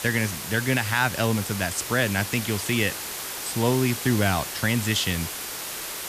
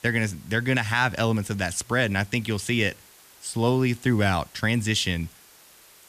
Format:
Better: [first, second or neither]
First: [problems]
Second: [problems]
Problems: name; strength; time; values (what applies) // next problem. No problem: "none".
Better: second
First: hiss; loud; throughout; 6 dB below the speech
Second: hiss; faint; throughout; 25 dB below the speech